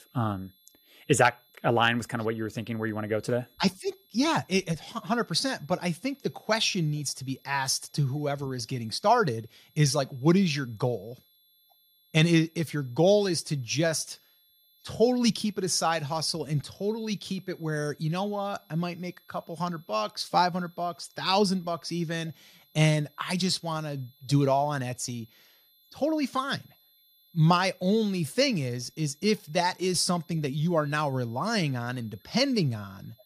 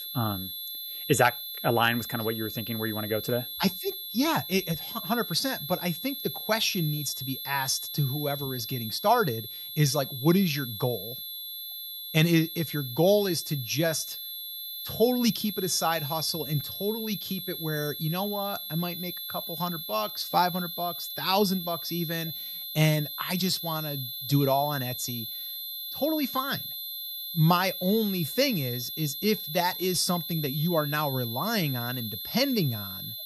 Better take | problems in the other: first | high-pitched whine; loud; throughout; 3.5 kHz, 6 dB below the speech; faint in the first

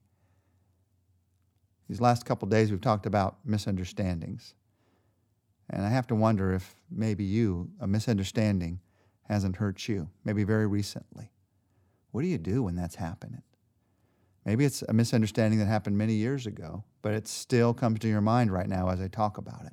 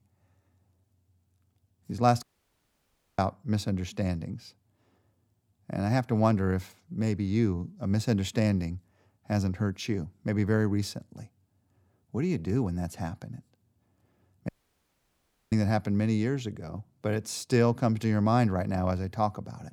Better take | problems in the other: first | audio cutting out; at 2 s for 1 s and at 14 s for 1 s

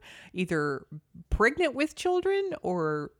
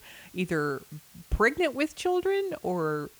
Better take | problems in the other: first | hiss; faint; throughout; 25 dB below the speech

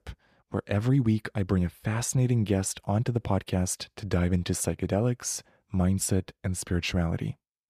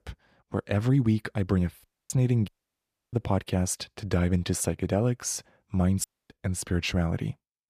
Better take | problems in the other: first | audio cutting out; at 2 s, at 2.5 s for 0.5 s and at 6 s

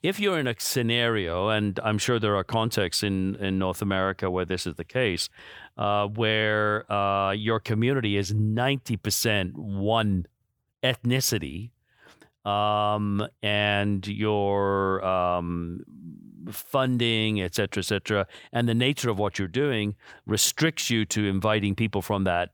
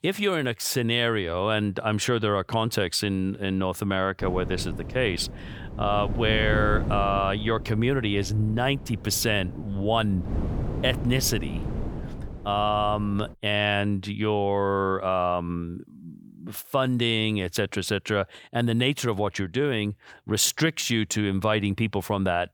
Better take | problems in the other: first | wind noise on the microphone; occasional gusts; from 4 to 13 s; 15 dB below the speech

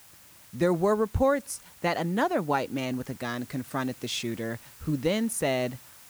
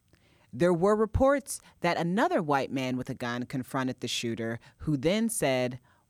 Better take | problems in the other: second | hiss; faint; throughout; 20 dB below the speech

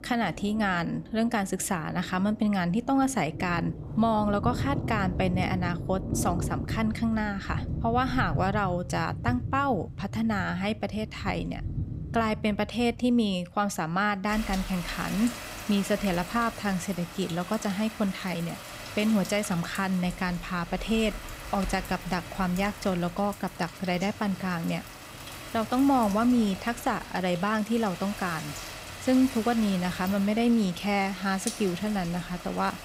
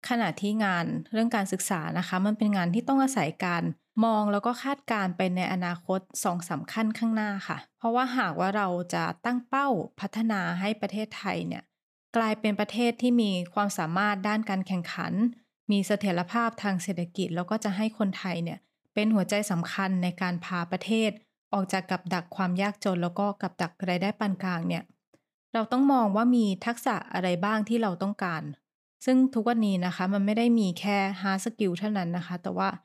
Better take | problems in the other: second | rain or running water; loud; throughout; 9 dB below the speech

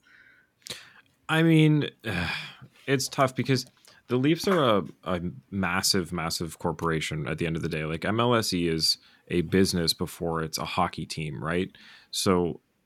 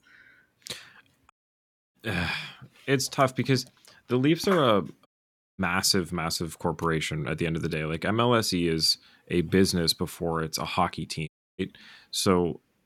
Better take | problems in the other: first | audio cutting out; at 1.5 s for 0.5 s, at 5 s for 0.5 s and at 11 s

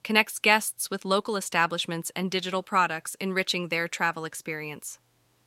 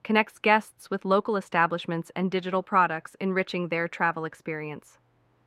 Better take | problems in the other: first | muffled; very; fading above 3.5 kHz

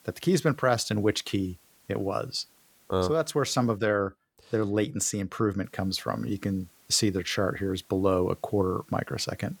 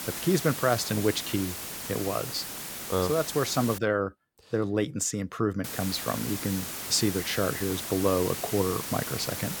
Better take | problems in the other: first | hiss; loud; until 4 s and from 5.5 s on; 5 dB below the speech; faint in the first

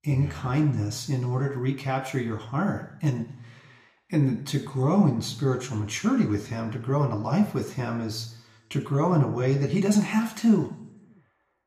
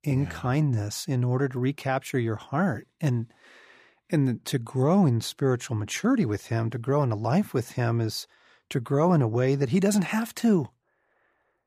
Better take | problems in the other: second | room echo; slight; dies away in 0.7 s

